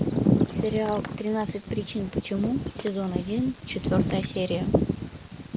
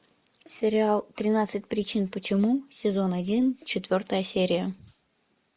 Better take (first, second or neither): second